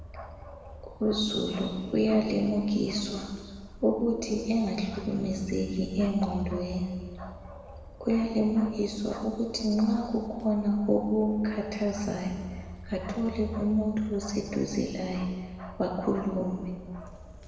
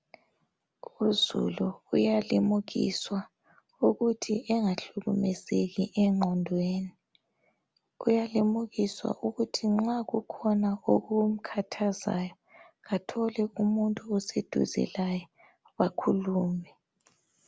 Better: second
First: background sound (Bark); 14 dB below the speech // room echo; dies away in 1.6 s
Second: none

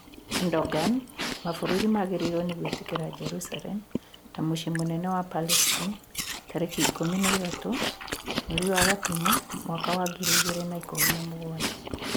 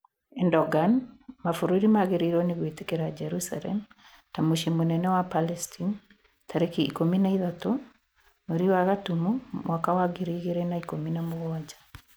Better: second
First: background sound (Chewing, mastication); 1 dB below the speech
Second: none

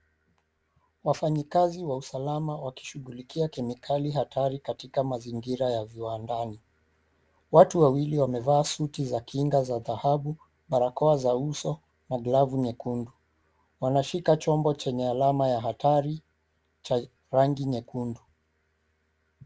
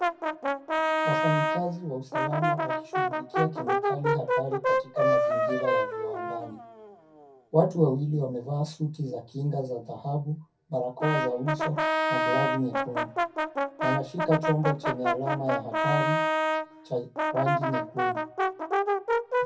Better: first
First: none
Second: background sound (Brass instrument); 2 dB above the speech // room echo; dies away in 0.3 s

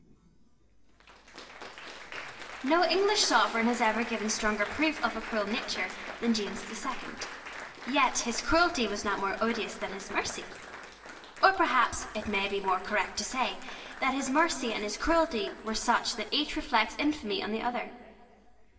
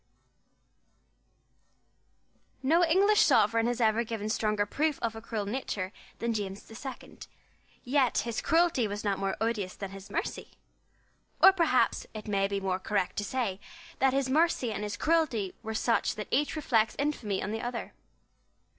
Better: second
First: background sound (Applause); 14 dB below the speech // room echo; dies away in 1.8 s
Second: none

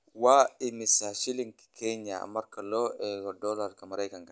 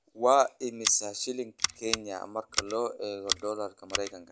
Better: first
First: none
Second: background sound (Scissors); 6 dB below the speech

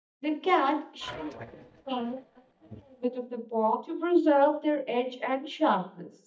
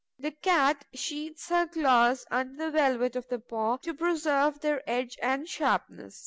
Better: second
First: noise reduction (neural mask model DeepFilterNet 3)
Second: none

